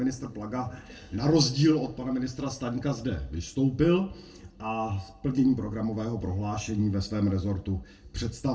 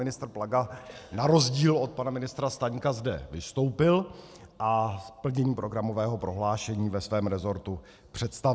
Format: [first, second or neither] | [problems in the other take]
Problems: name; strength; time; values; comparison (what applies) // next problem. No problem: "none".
second | room echo; dies away in 0.2 s